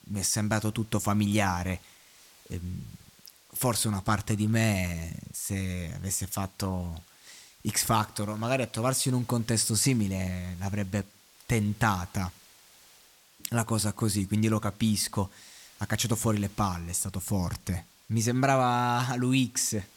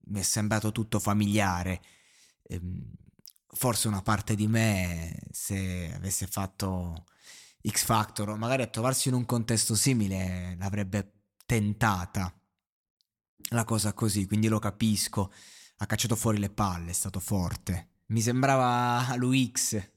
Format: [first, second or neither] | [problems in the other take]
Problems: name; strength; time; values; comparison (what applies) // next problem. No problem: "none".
second | hiss; faint; throughout; 25 dB below the speech